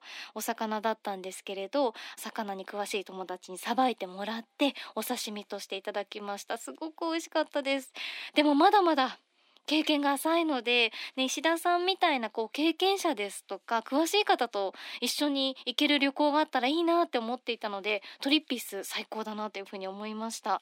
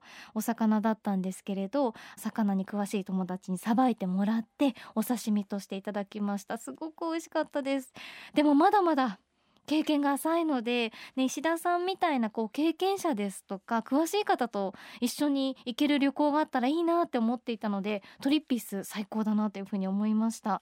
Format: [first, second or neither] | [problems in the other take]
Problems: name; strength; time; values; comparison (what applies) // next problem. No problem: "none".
second | thin; very slightly; fading below 300 Hz